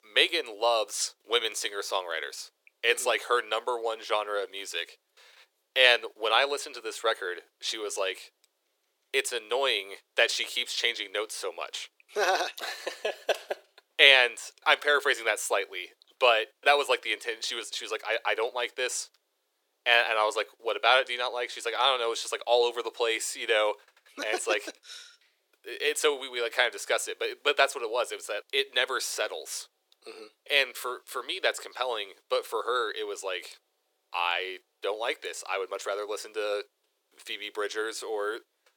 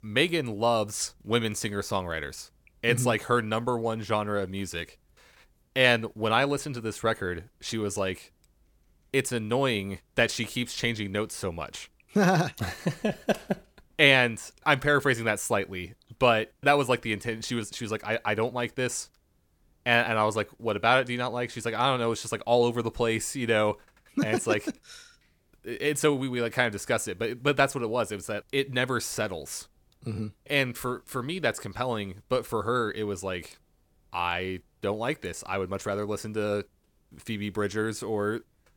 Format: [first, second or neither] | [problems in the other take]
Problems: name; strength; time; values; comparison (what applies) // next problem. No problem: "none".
second | thin; very; fading below 400 Hz